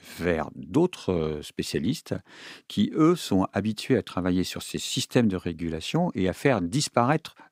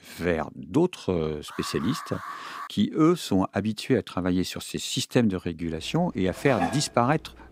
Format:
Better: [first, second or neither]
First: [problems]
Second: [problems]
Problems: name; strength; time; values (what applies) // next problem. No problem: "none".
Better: first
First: none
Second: alarm; faint; from 1.5 to 2.5 s; peak 10 dB below the speech // clattering dishes; noticeable; at 6.5 s; peak 5 dB below the speech